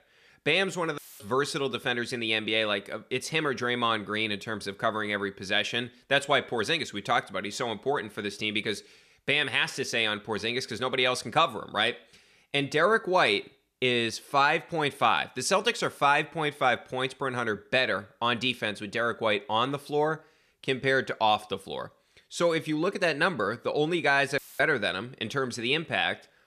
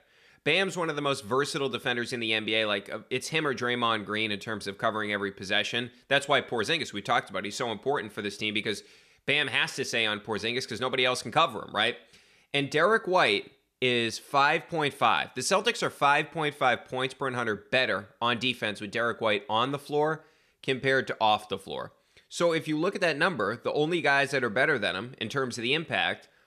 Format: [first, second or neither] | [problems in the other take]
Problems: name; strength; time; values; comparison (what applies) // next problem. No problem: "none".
second | audio cutting out; filled with static; at 1 s and at 24 s